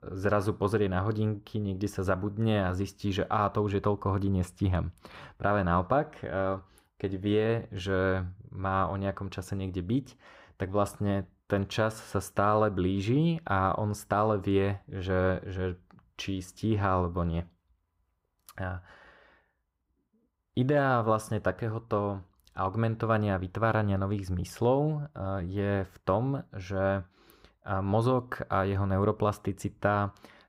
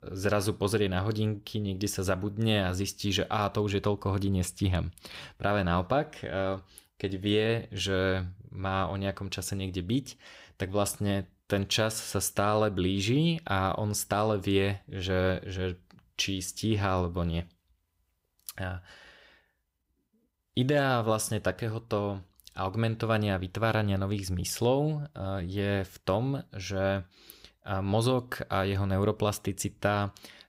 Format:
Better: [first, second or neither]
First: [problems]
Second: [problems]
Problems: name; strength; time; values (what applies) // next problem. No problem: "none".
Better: second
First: muffled; slightly; fading above 2 kHz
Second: none